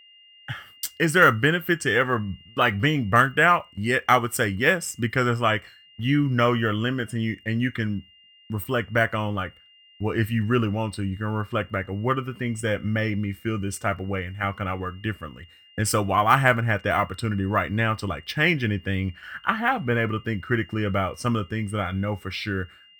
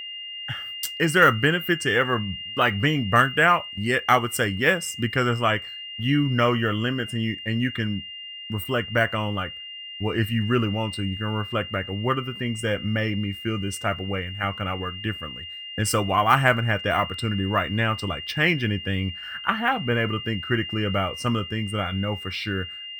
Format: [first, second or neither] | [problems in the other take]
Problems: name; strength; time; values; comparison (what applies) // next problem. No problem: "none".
first | high-pitched whine; loud; throughout; 3 kHz, 10 dB below the speech; faint in the first